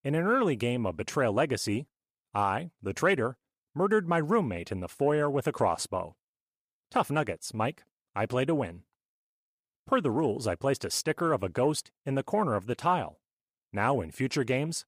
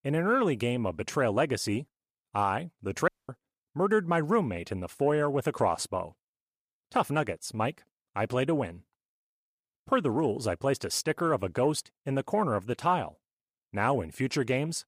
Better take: first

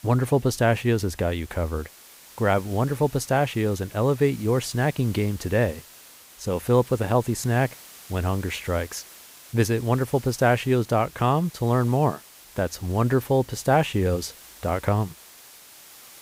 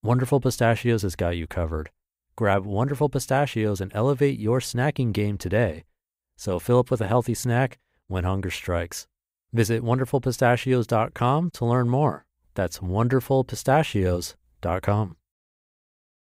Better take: second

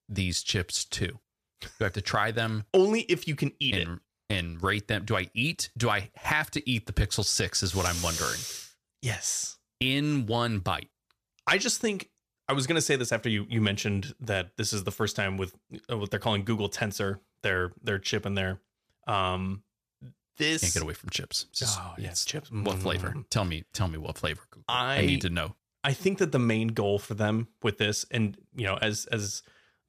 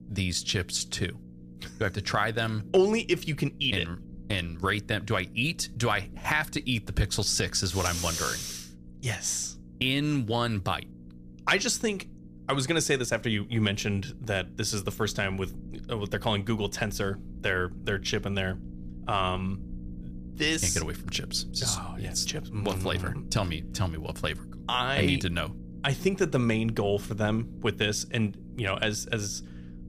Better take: first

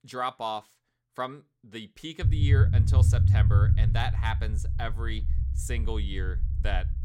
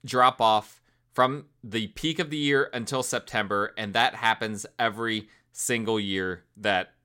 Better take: second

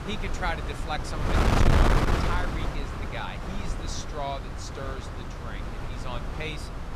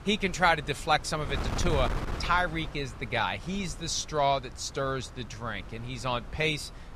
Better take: second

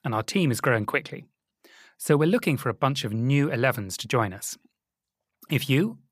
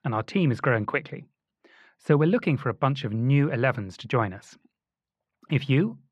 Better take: first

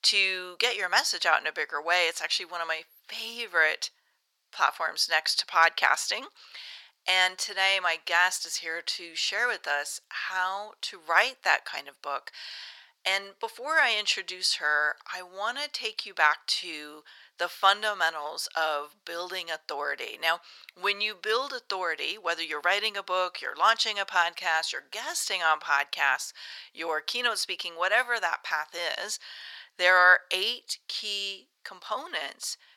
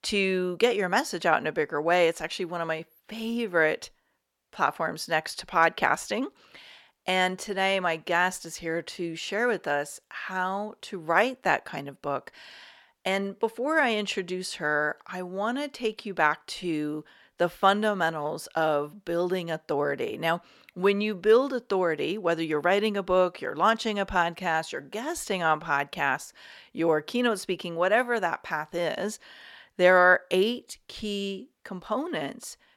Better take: second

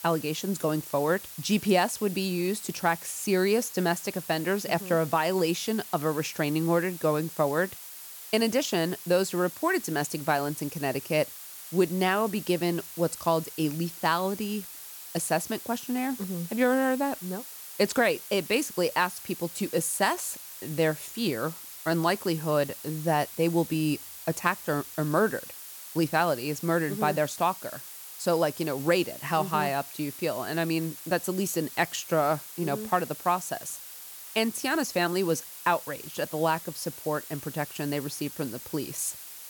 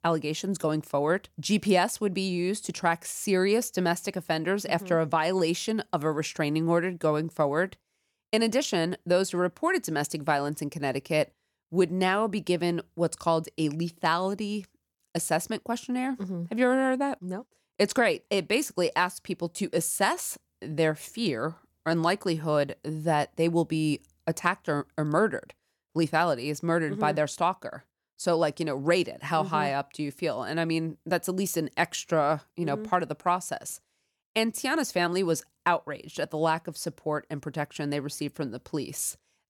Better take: second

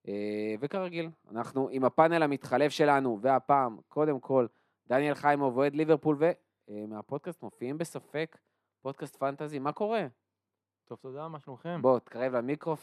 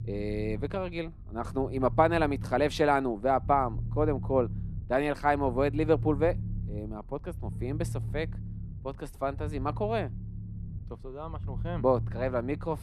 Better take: first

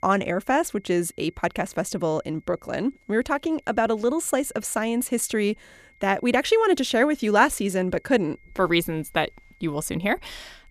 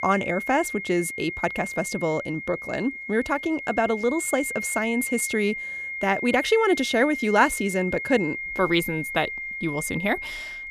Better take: first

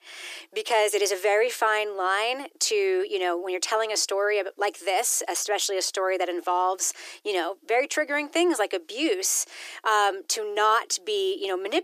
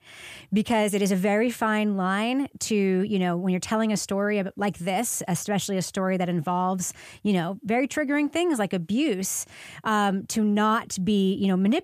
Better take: second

